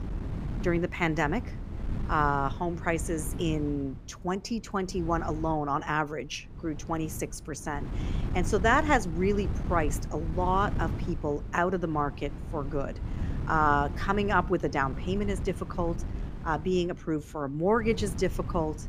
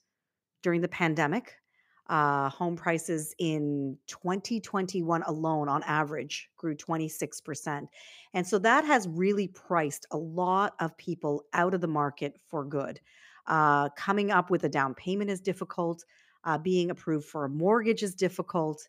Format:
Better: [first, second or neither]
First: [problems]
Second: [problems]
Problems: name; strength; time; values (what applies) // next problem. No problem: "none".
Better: second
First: wind noise on the microphone; occasional gusts; 15 dB below the speech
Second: none